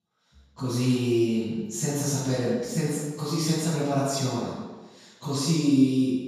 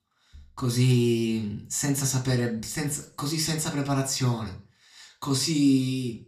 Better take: second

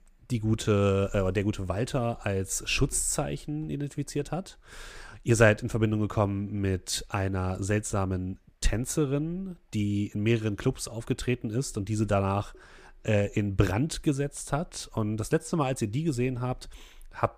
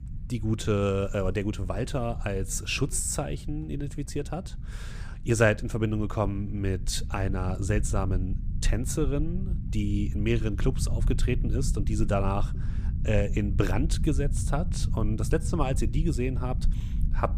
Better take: first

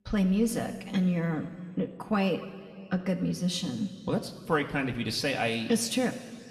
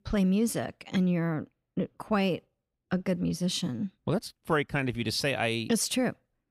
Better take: second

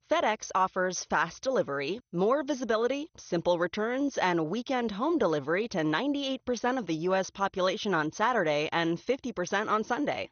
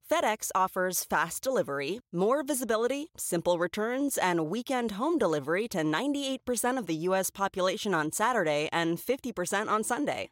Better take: second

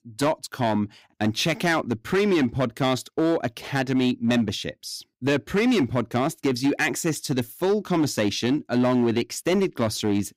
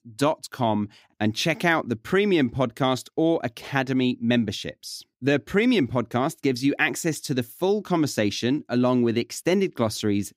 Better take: second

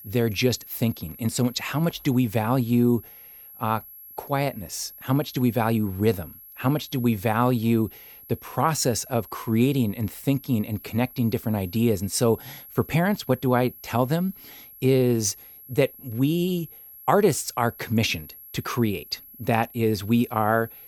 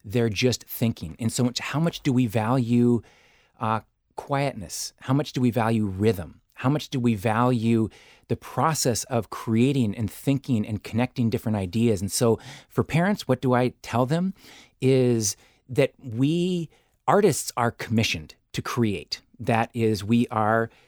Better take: second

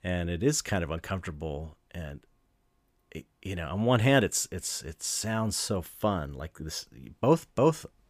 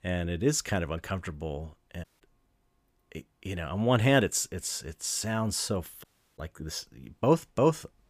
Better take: first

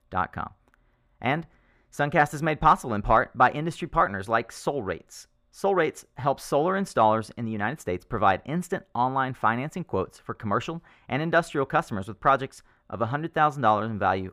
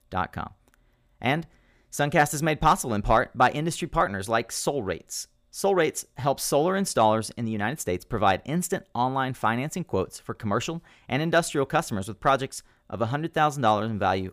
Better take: second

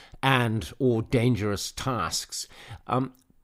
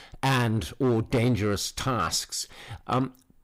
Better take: first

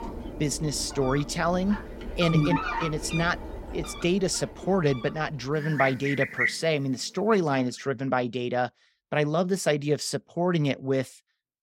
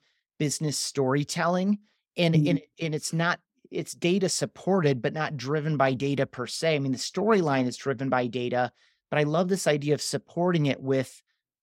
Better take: second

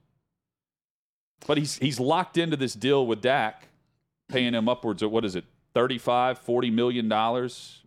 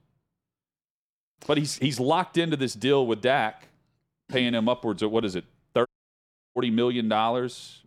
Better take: first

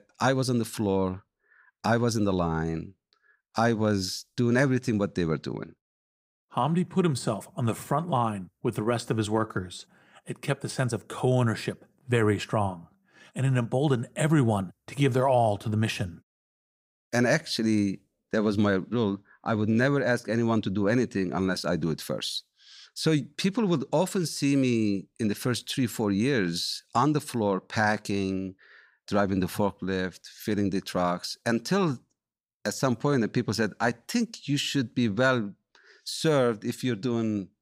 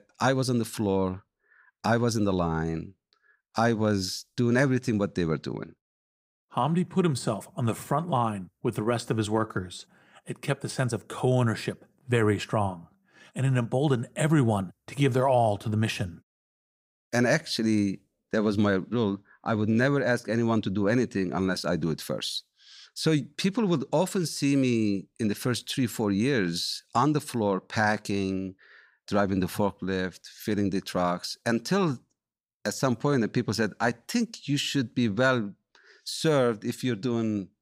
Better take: neither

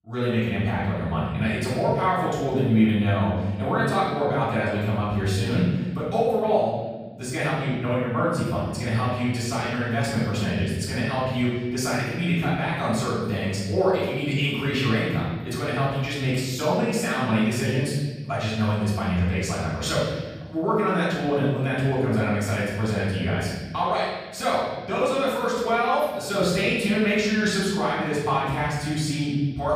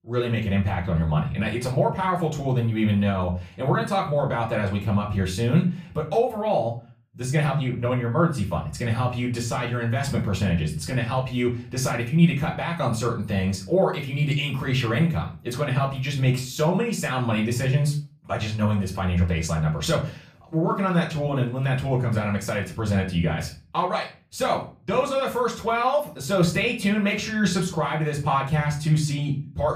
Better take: second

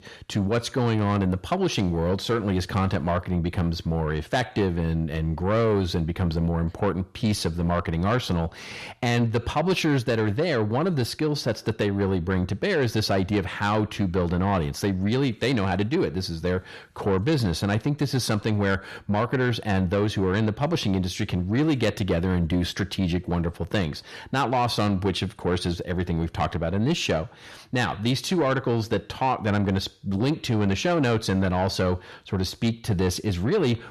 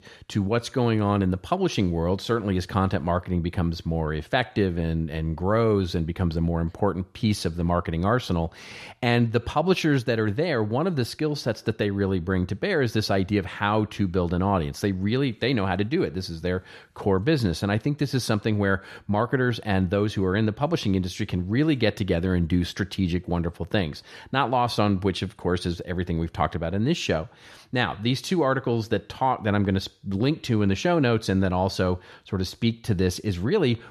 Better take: second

